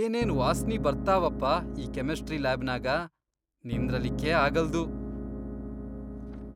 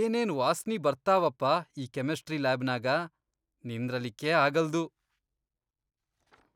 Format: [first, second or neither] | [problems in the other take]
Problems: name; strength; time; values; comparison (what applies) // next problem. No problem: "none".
second | background sound (Piano); 3 dB below the speech